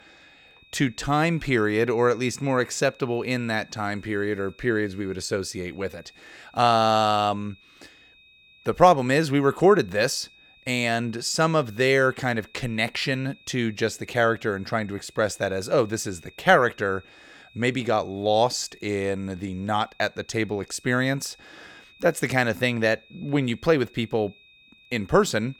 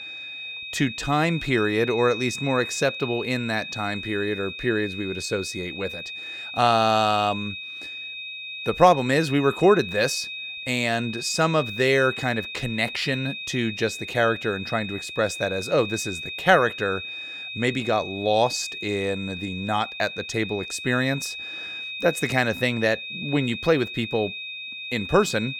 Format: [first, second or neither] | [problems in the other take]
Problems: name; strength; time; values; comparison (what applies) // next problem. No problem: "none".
first | high-pitched whine; loud; throughout; 2.5 kHz, 8 dB below the speech; faint in the first